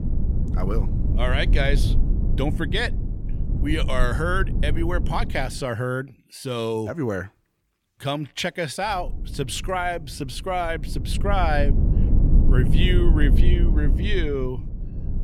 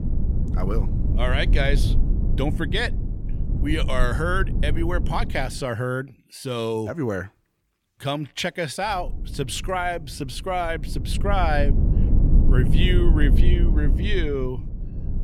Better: neither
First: low rumble; noticeable; until 5.5 s and from 9 s on; 10 dB below the speech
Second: low rumble; noticeable; until 5.5 s and from 9 s on; 10 dB below the speech

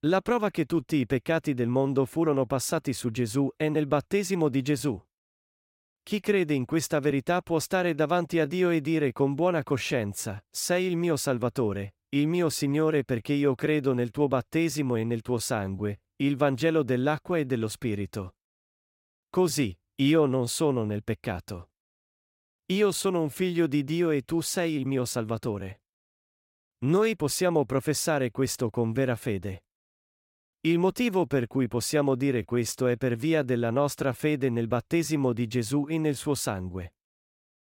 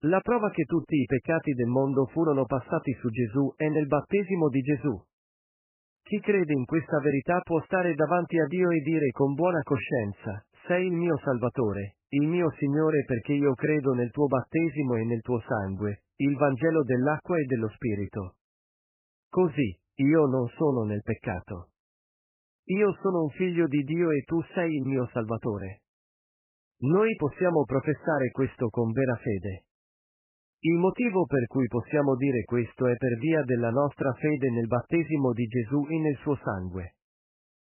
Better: first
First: none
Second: garbled, watery; badly; nothing above 3 kHz

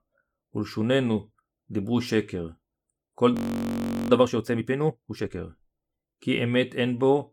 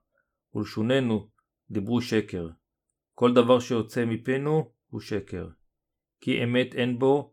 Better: second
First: audio freezing; at 3.5 s for 1 s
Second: none

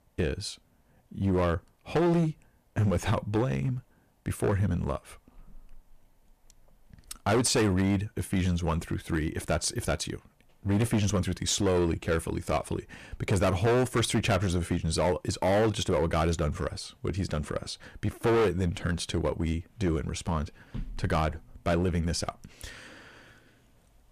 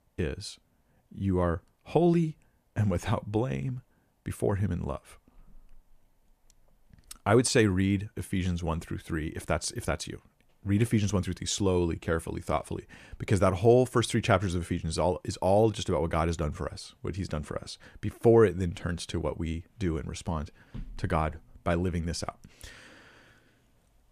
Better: second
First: distortion; heavy; 8% of the sound clipped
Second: none

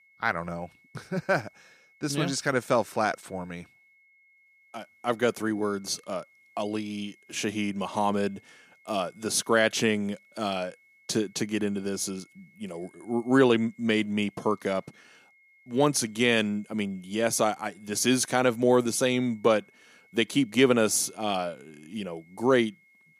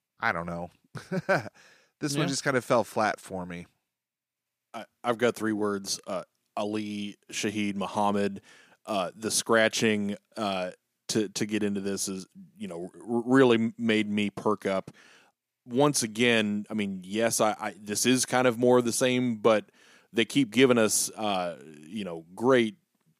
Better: second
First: high-pitched whine; faint; throughout; 2 kHz, 30 dB below the speech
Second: none

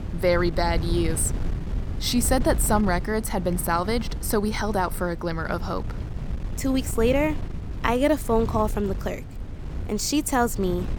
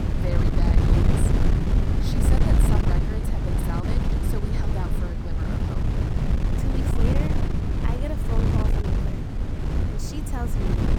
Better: first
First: wind noise on the microphone; occasional gusts; 15 dB below the speech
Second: wind noise on the microphone; heavy; 5 dB above the speech

